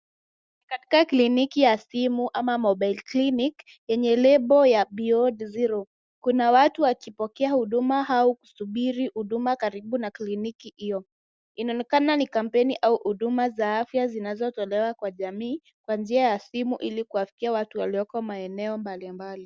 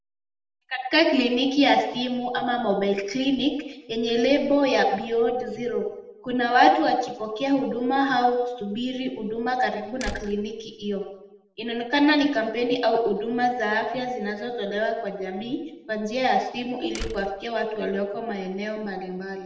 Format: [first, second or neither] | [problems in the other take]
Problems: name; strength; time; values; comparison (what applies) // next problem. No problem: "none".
first | background sound (Slam); 13 dB below the speech // room echo; dies away in 0.8 s